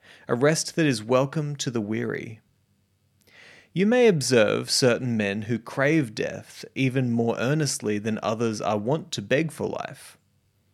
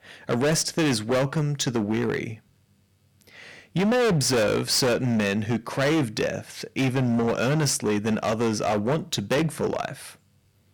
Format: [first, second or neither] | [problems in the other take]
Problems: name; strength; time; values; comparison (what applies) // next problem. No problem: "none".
first | distortion; heavy; 17% of the sound clipped